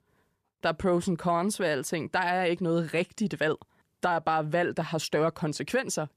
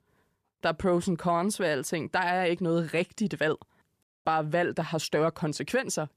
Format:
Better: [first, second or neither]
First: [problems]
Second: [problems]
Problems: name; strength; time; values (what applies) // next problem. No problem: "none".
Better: first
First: none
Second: audio cutting out; at 4 s